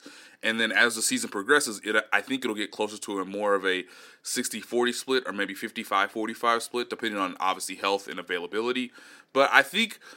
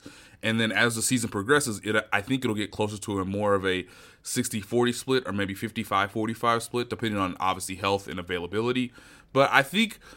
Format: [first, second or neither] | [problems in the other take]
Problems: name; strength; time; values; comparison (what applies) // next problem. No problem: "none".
second | thin; very slightly; fading below 250 Hz